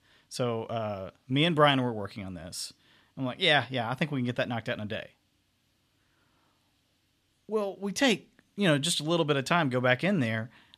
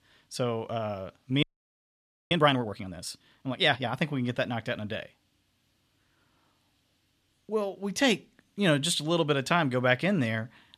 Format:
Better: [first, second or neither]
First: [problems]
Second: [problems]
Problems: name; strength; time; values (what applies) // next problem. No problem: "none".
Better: first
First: none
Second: audio freezing; at 1.5 s for 1 s